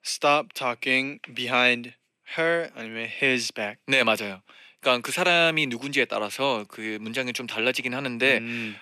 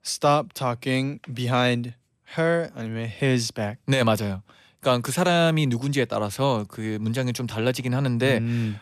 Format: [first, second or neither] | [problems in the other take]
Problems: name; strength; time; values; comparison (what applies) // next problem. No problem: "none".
second | thin; somewhat; fading below 300 Hz